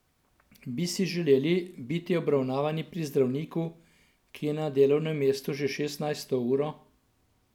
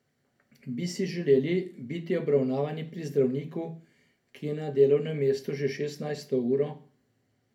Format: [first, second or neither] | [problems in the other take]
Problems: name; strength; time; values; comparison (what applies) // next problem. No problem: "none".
first | room echo; dies away in 0.3 s